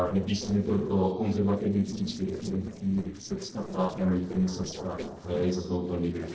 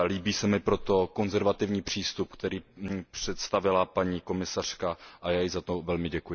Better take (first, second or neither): second